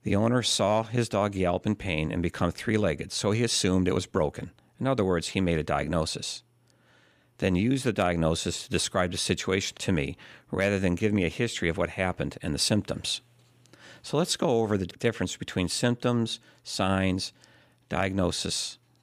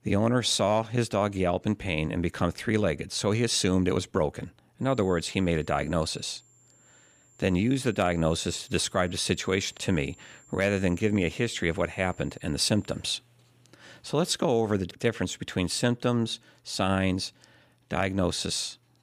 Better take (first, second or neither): first